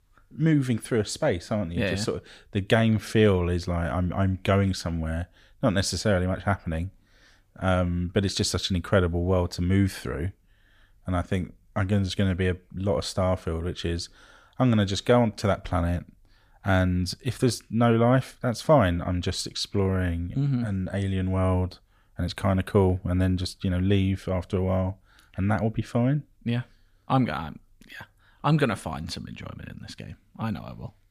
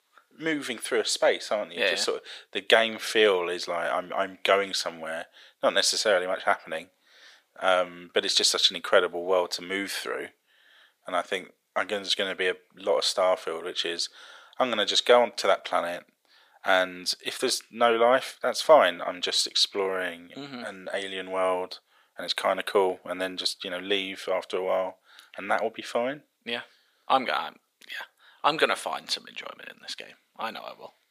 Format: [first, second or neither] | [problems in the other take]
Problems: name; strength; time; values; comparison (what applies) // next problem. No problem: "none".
first | thin; very; fading below 450 Hz